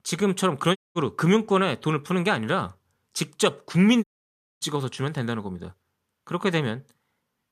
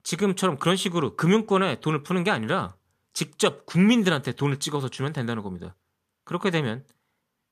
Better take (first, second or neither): second